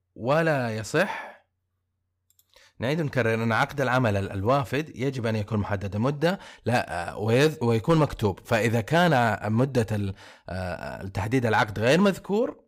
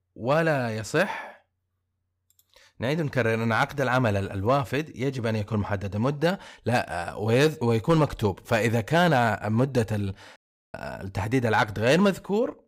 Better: first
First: none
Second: audio cutting out; at 10 s

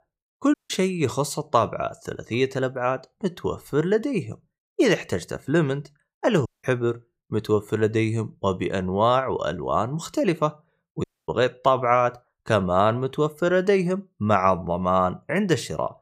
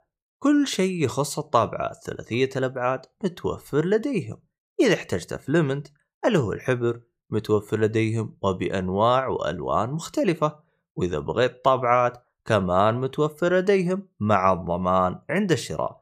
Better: second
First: audio cutting out; at 0.5 s, at 6.5 s and at 11 s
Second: none

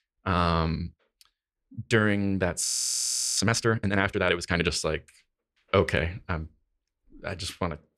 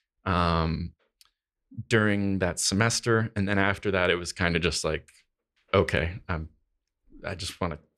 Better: second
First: audio freezing; at 2.5 s for 0.5 s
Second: none

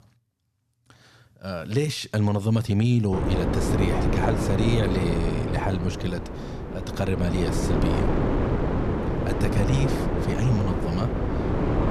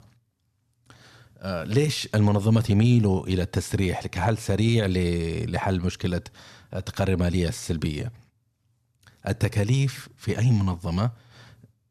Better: second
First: wind noise on the microphone; heavy; from 3 s on; 1 dB above the speech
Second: none

